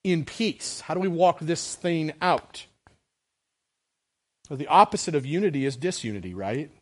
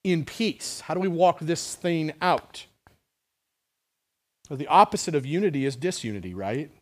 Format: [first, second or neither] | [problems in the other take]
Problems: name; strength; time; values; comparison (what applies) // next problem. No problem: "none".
second | garbled, watery; slightly; nothing above 10.5 kHz